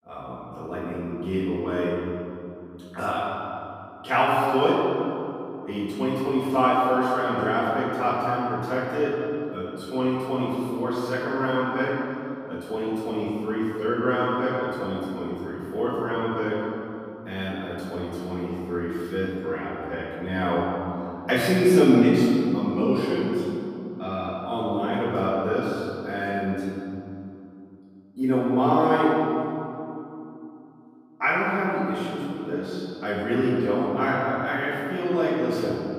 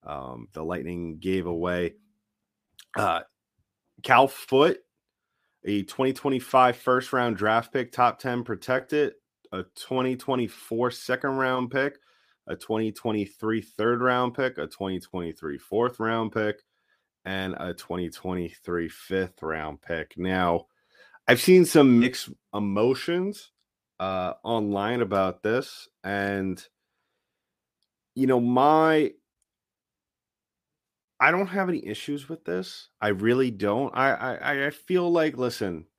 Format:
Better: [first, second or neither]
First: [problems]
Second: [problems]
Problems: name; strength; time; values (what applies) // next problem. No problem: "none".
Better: second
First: off-mic speech; far // room echo; strong; dies away in 2.8 s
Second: none